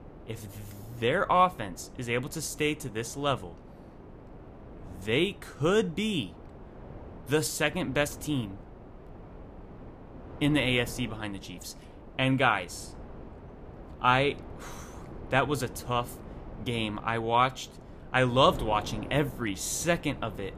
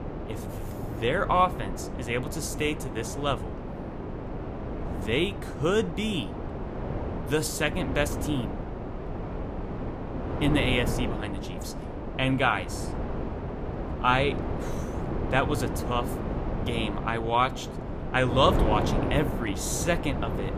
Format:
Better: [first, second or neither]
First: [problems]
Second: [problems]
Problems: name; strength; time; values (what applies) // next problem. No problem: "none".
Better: first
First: wind noise on the microphone; occasional gusts; 20 dB below the speech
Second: wind noise on the microphone; heavy; 9 dB below the speech